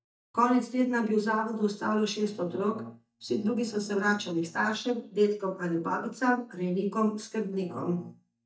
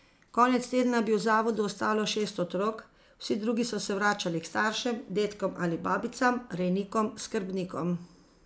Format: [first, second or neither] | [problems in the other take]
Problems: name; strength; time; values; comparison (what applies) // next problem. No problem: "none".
second | noise reduction (neural mask model DeepFilterNet 3)